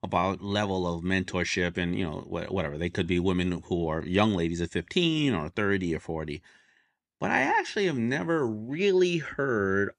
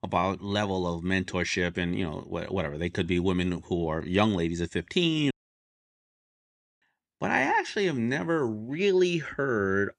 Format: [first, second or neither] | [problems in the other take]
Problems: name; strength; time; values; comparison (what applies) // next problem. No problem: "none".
first | audio cutting out; at 5.5 s for 1.5 s